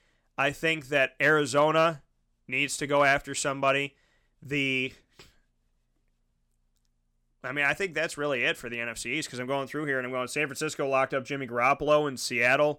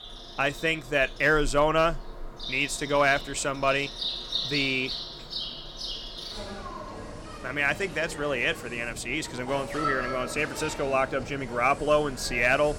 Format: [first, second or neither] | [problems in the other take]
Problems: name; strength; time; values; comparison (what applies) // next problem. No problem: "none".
first | animal sounds; loud; throughout; 9 dB below the speech